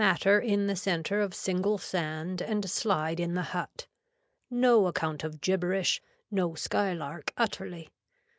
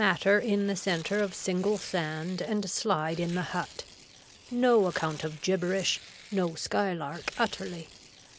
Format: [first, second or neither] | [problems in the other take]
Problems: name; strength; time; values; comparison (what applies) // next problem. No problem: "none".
first | background sound (Tearing); 20 dB below the speech